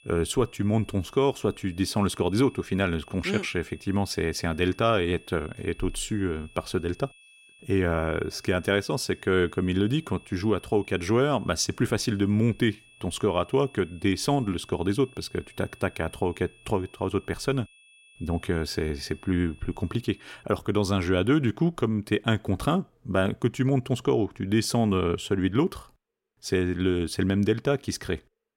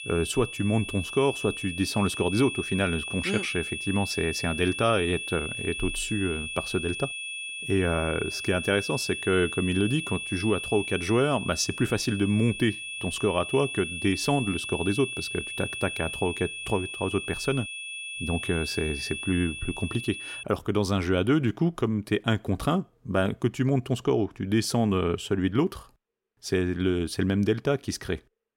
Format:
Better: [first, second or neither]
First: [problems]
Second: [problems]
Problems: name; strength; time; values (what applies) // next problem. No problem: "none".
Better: first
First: high-pitched whine; faint; until 20 s; 2.5 kHz, 25 dB below the speech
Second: high-pitched whine; loud; until 20 s; 2.5 kHz, 6 dB below the speech